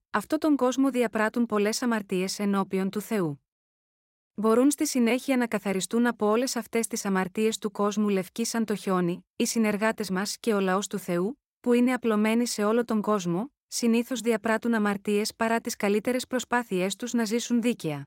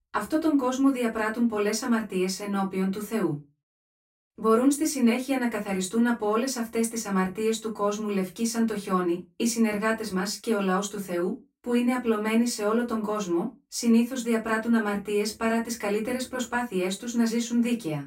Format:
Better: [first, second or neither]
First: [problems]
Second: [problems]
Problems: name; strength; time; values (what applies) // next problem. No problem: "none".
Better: first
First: none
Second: off-mic speech; far // room echo; very slight; dies away in 0.2 s